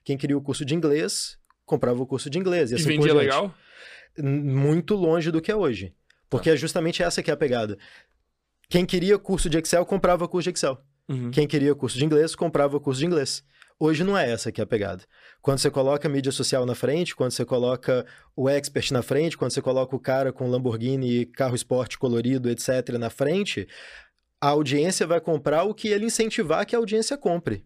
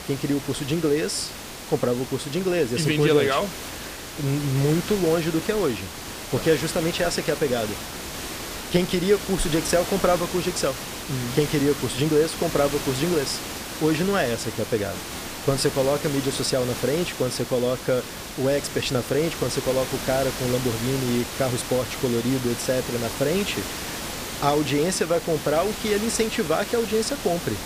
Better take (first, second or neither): first